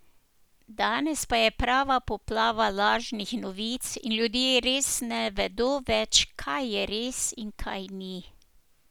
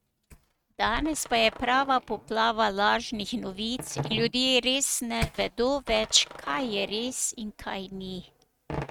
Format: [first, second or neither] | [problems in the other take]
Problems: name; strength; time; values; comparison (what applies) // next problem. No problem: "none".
first | noise reduction (neural mask model RNNoise)